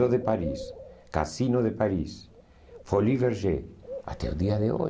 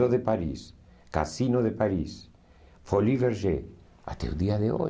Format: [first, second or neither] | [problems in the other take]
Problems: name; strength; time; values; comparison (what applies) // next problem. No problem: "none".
second | background sound (Bird); 15 dB below the speech